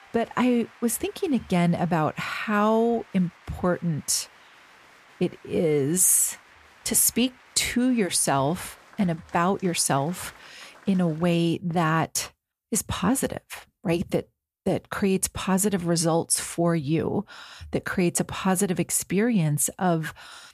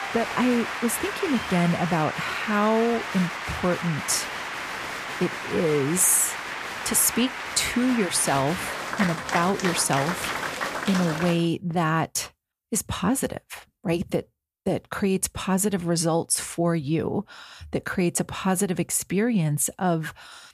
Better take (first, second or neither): first